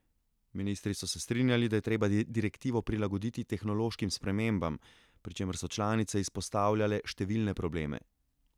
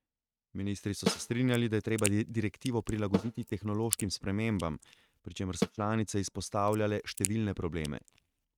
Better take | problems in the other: first | noise reduction (neural mask model RNNoise)

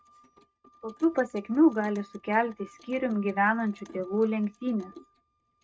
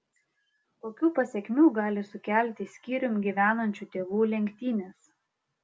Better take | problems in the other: second | noise reduction (neural mask model RNNoise)

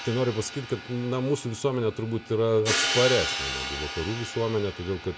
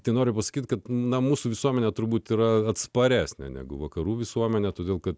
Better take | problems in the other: second | background sound (Hi-hat); 6 dB below the speech // room echo; dies away in 1.7 s

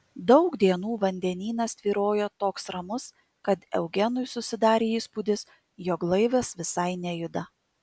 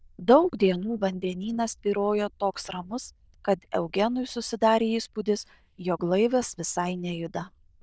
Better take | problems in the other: first | noise reduction (neural diffusion model UNIVERSE++)

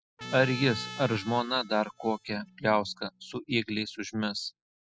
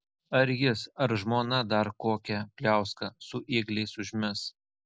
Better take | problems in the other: second | noise reduction (classical method spectral subtraction)

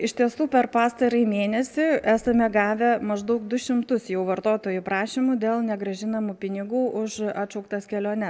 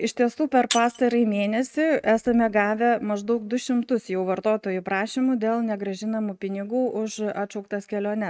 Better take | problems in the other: first | noise reduction (neural mask model RNNoise)

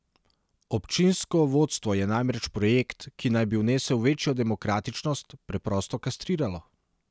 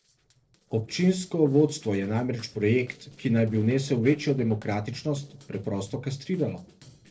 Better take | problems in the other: first | noise reduction (neural separator model SepFormer DNS4)

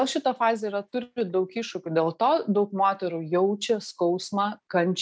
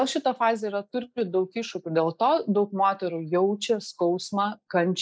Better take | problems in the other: first | noise reduction (neural mask model Resemble Enhance denoiser)

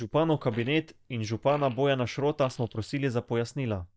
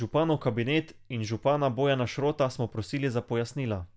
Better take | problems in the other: second | noise reduction (neural mask model DeepFilterNet 3)

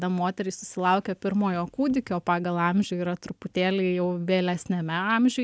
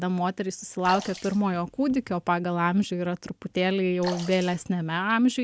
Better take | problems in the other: first | background sound (Sink (filling or washing) / Water / Splash, splatter); 13 dB below the speech

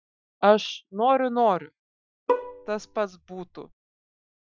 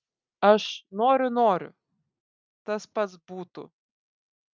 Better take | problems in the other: second | noise reduction (classical method Wiener filter)

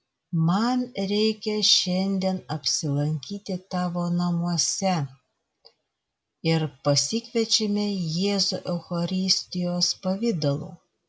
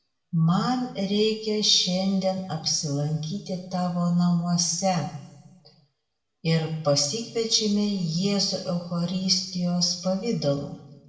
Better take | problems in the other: first | room echo; dies away in 0.8 s

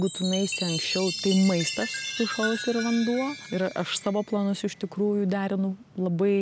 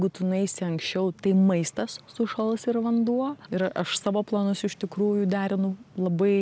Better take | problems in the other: second | background sound (Chime); 9 dB below the speech

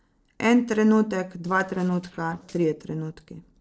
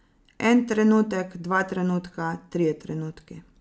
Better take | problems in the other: second | noise reduction (neural separator model SepFormer DNS4)

